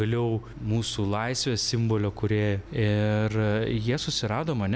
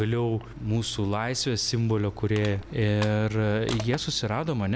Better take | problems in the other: first | background sound (Crushing); 19 dB below the speech

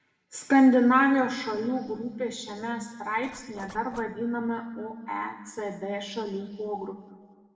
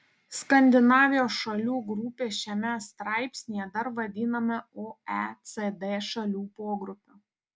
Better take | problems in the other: second | noise reduction (neural separator model SepFormer DNS4)

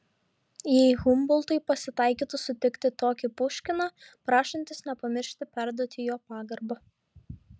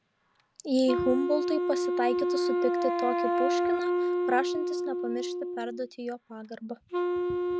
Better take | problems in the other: first | background sound (Wind instrument, woodwind instrument); 3 dB above the speech

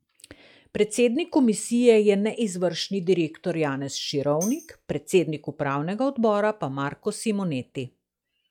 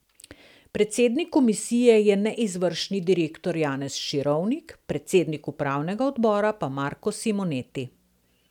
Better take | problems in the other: second | noise reduction (classical method log-MMSE)

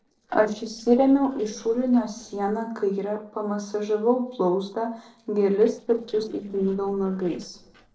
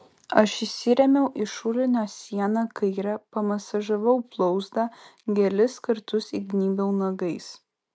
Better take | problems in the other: second | noise reduction (neural separator model SepFormer DNS4)

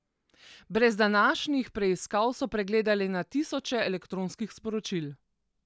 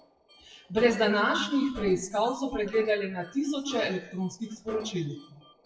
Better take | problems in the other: first | noise reduction (classical method WPE with log-MMSE)

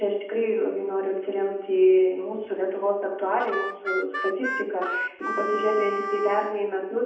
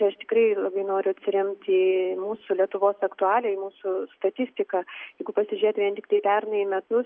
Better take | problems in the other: second | background sound (Harmonica); 6 dB below the speech // room echo; dies away in 0.8 s

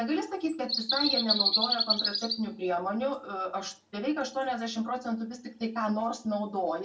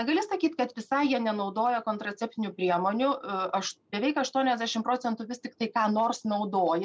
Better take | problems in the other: second | background sound (Bird vocalization, bird call, bird song); 3 dB below the speech // room echo; dies away in 0.2 s

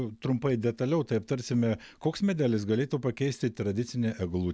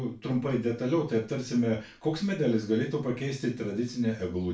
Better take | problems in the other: first | room echo; dies away in 0.3 s

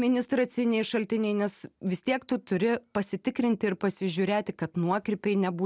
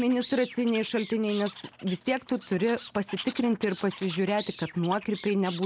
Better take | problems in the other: first | background sound (Animal); 16 dB below the speech

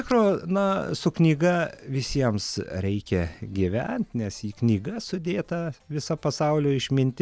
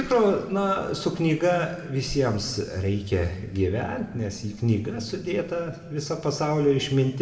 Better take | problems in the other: first | room echo; dies away in 1.6 s

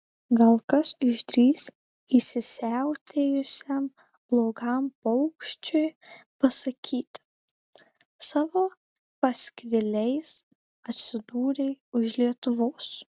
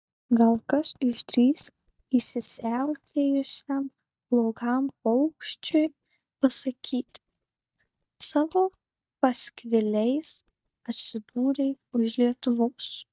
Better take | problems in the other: first | noise reduction (neural mask model DeepFilterNet 3)

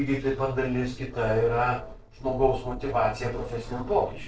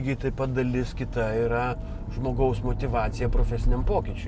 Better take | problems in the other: second | noise reduction (neural separator model SepFormer DNS4)

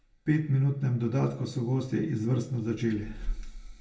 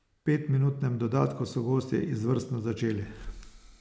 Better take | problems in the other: second | room echo; dies away in 0.2 s

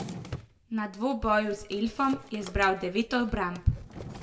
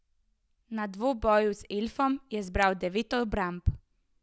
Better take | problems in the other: second | background sound (Drawer open or close); 15 dB below the speech // room echo; dies away in 0.6 s

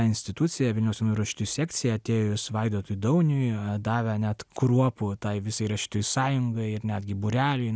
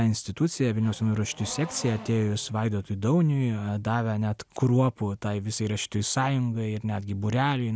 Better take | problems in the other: first | background sound (Race car, auto racing / Accelerating, revving, vroom); 19 dB below the speech

